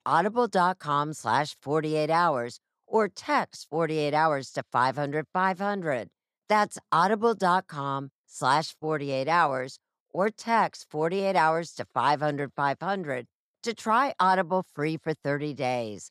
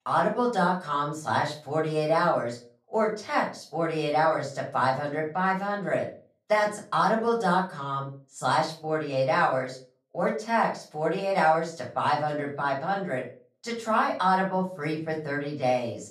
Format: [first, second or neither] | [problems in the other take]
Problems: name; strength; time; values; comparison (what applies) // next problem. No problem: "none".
first | off-mic speech; far // room echo; slight; dies away in 0.3 s